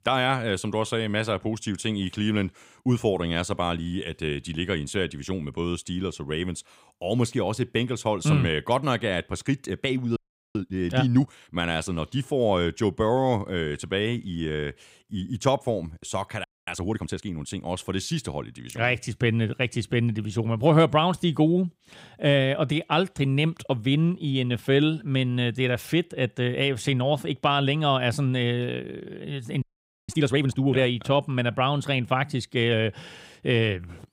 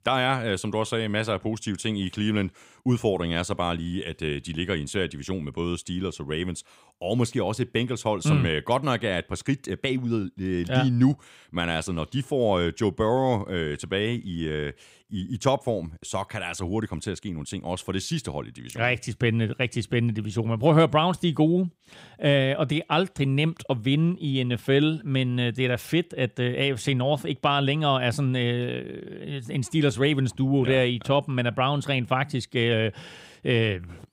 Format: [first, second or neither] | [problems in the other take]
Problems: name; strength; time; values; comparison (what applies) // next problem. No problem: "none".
second | audio freezing; at 10 s, at 16 s and at 30 s